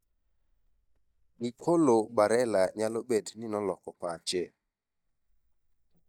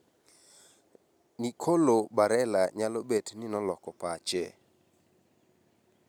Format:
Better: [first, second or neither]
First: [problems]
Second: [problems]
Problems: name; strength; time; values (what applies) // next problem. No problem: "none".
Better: second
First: noise reduction (neural mask model DeepFilterNet 3)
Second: none